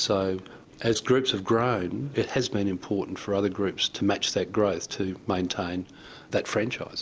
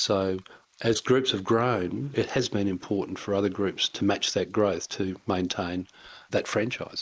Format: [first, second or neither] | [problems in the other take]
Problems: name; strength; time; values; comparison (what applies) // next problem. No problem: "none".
first | noise reduction (neural mask model Resemble Enhance denoiser)